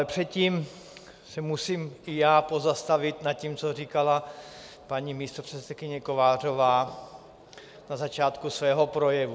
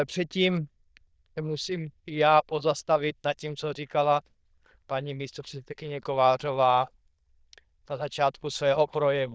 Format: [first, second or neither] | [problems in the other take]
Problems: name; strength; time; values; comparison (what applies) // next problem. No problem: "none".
first | noise reduction (neural diffusion model UNIVERSE++)